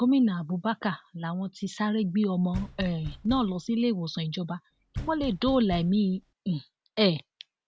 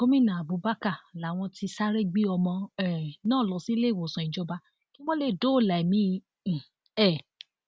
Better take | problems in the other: second | background sound (Knock); 12 dB below the speech

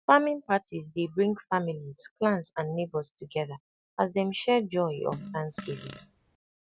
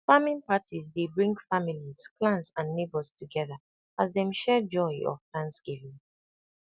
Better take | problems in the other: second | background sound (Fart); 13 dB below the speech

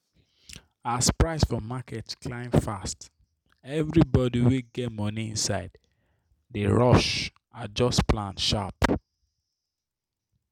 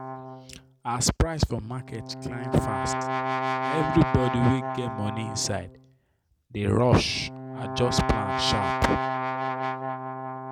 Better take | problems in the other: first | background sound (Brass instrument); 4 dB below the speech

